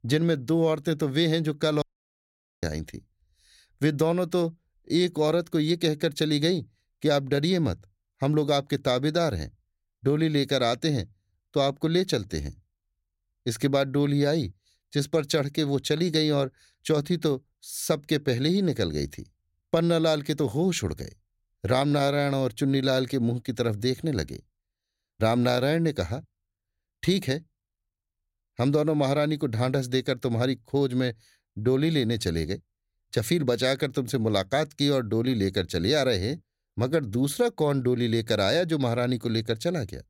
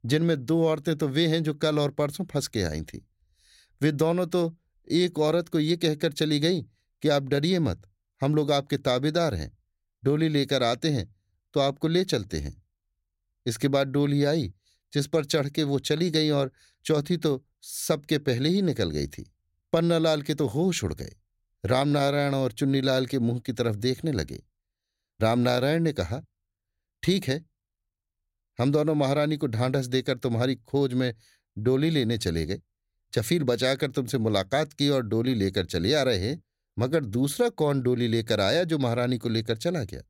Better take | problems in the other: second | audio cutting out; at 2 s for 1 s

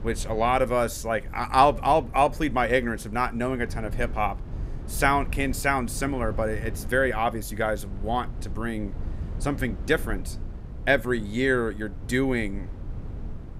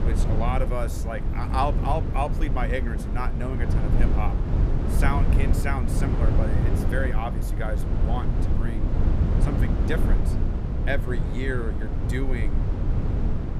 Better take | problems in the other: first | low rumble; loud; throughout; 5 dB below the speech; faint in the first

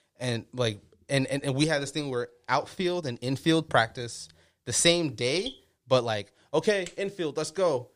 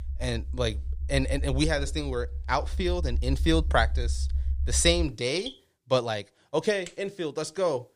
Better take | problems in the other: first | low rumble; faint; until 5 s; 25 dB below the speech

